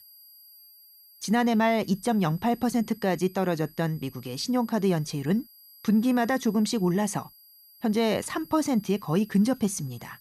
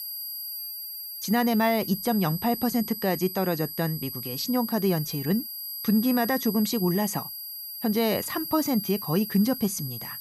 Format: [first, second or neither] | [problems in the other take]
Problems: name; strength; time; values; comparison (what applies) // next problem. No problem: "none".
first | high-pitched whine; loud; throughout; 11.5 kHz, 7 dB below the speech; faint in the first